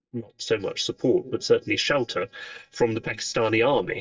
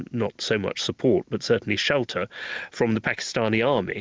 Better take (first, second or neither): second